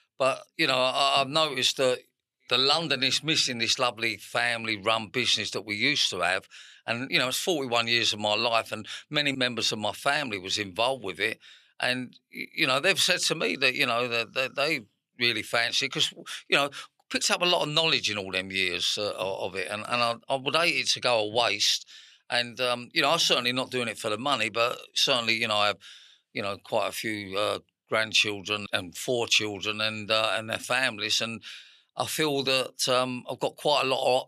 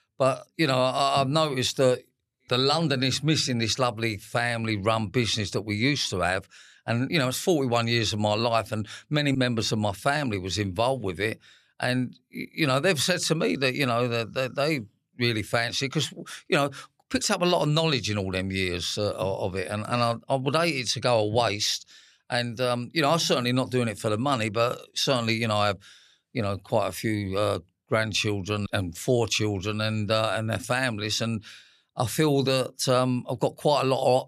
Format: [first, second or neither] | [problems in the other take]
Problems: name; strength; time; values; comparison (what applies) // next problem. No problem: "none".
second | thin; very slightly; fading below 1 kHz